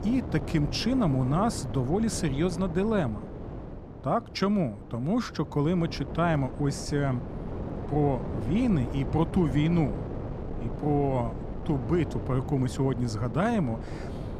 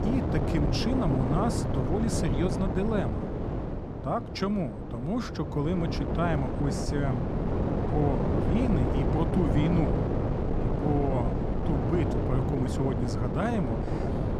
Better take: first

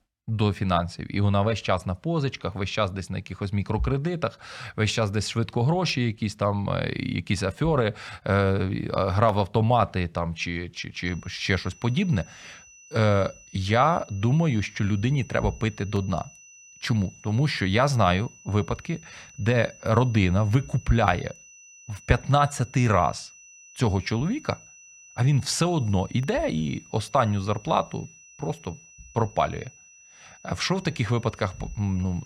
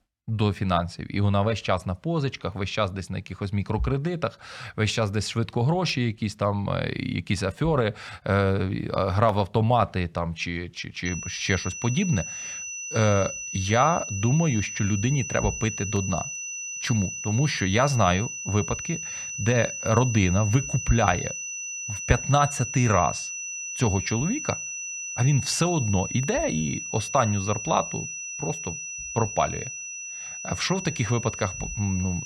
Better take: first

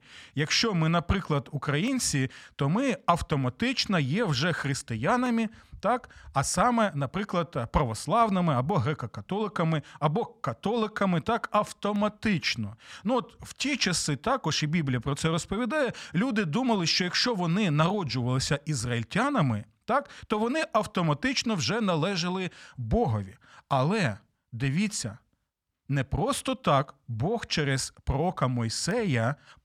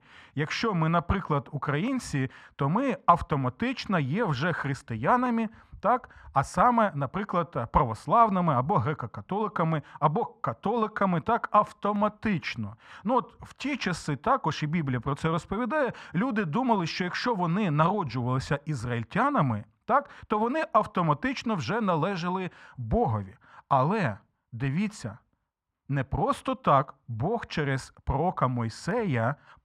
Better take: first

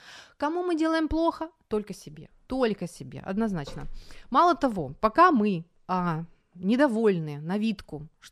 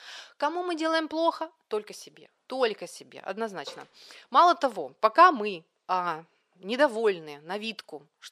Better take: first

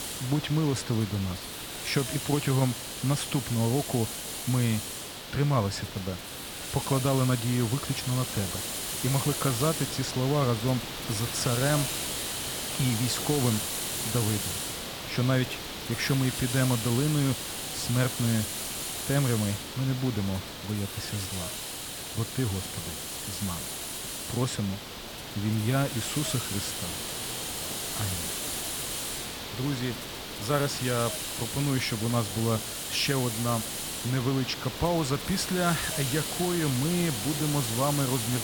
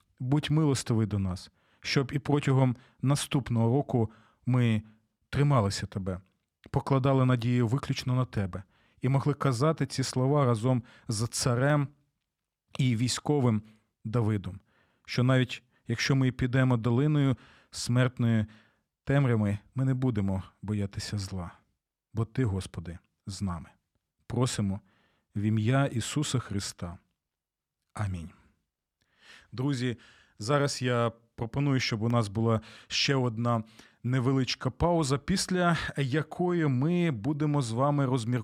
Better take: second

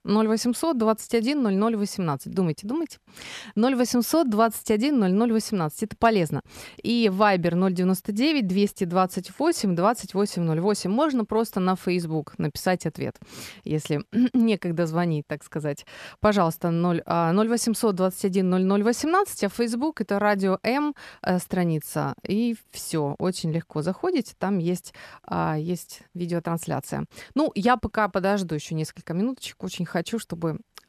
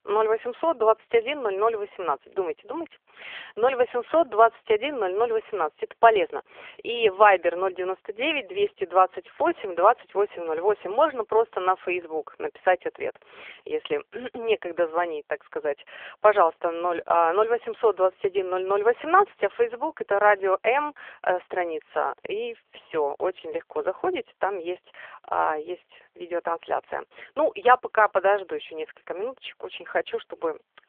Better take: first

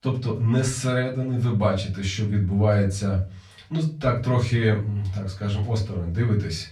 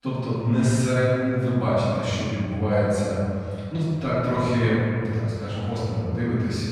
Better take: first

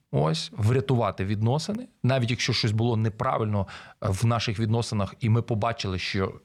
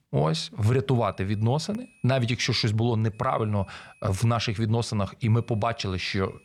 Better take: first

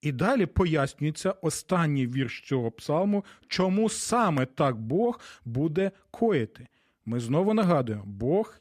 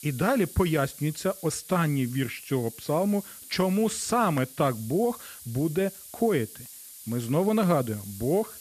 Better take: first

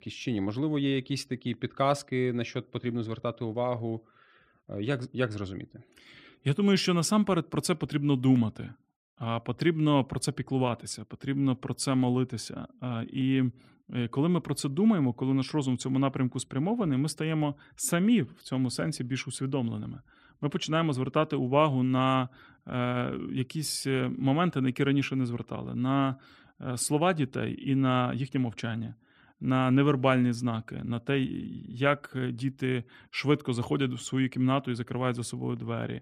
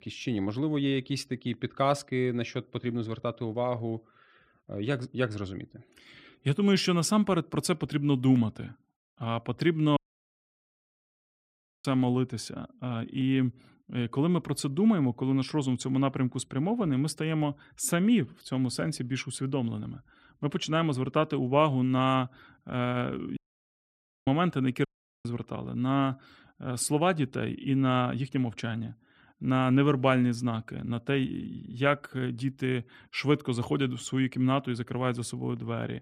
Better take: first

